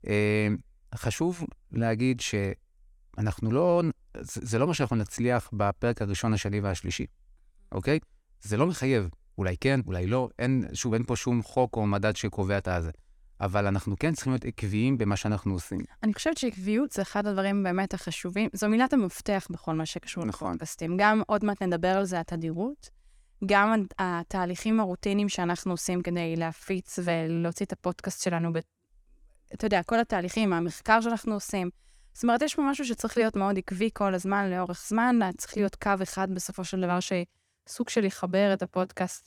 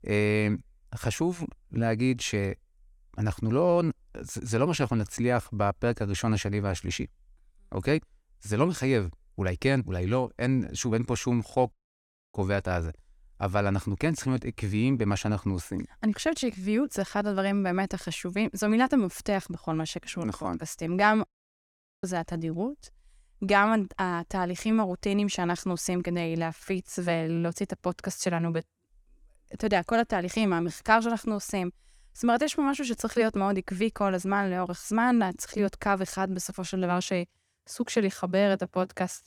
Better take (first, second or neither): first